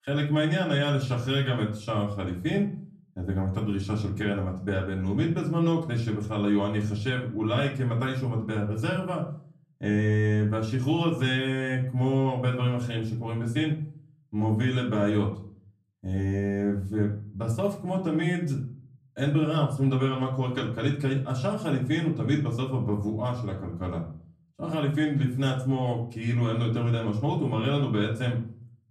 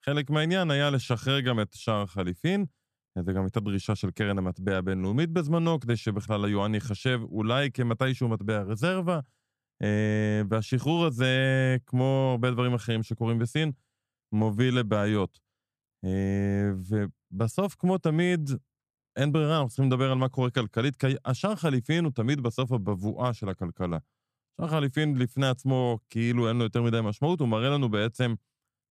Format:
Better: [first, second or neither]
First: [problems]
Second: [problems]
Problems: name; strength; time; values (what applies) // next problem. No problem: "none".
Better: second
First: room echo; slight; dies away in 0.4 s // off-mic speech; far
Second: none